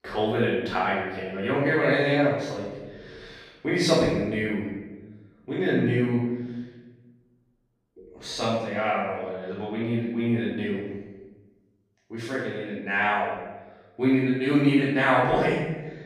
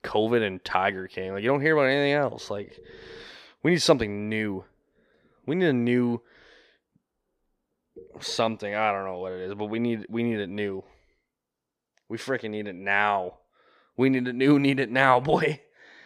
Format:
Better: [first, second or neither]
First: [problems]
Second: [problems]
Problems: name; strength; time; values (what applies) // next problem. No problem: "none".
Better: second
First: off-mic speech; far // room echo; strong; dies away in 1 s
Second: none